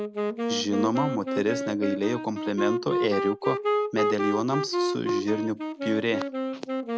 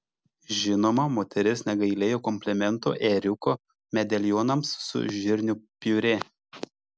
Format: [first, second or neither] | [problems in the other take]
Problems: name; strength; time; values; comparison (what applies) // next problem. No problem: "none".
second | background sound (Wind instrument, woodwind instrument); as loud as the speech